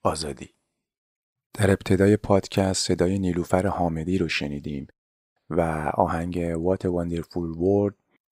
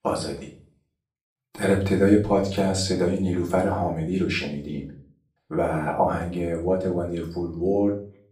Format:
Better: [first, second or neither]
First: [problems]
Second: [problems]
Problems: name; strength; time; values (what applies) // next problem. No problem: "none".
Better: first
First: none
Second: off-mic speech; far // room echo; slight; dies away in 0.4 s